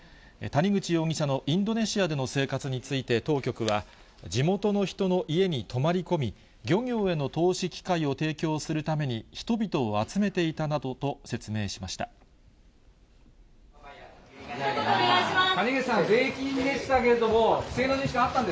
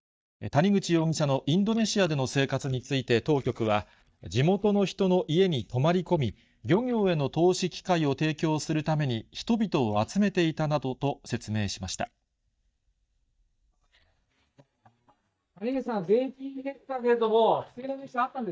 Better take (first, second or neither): first